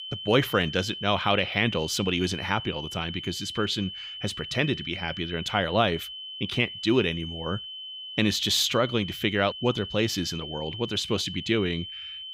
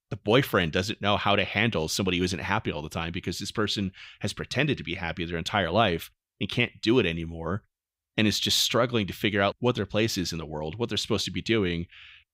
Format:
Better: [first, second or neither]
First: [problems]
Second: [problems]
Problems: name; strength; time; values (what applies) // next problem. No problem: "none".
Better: second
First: high-pitched whine; loud; throughout; 3 kHz, 9 dB below the speech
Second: none